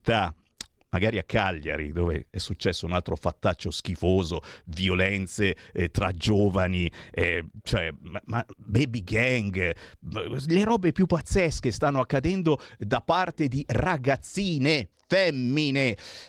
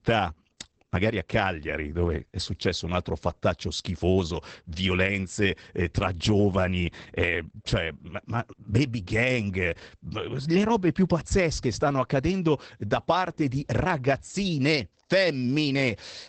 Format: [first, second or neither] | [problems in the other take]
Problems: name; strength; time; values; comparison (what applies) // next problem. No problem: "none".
first | garbled, watery; badly; nothing above 8 kHz; slightly in the first